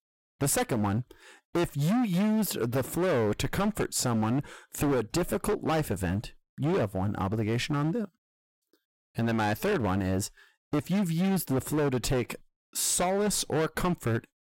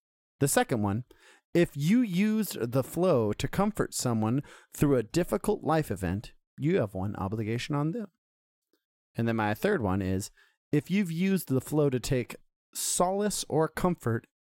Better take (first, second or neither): second